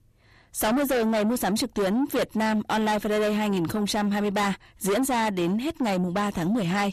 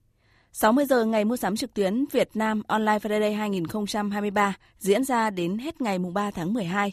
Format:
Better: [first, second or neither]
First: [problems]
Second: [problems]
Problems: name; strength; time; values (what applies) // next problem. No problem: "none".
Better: second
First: distortion; heavy; 7 dB below the speech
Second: none